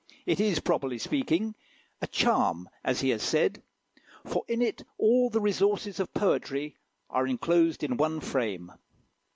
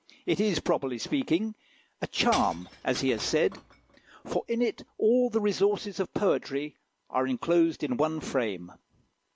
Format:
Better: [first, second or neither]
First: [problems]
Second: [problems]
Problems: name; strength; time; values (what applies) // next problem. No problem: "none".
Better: first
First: none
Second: background sound (Shatter / Crushing); 17 dB below the speech